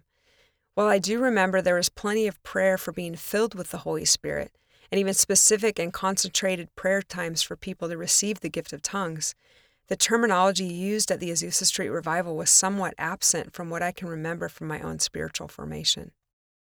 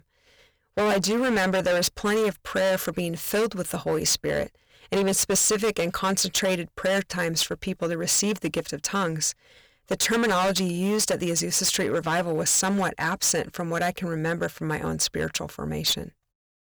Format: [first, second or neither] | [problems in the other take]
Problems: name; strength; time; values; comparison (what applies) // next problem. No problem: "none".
first | distortion; heavy; 15% of the sound clipped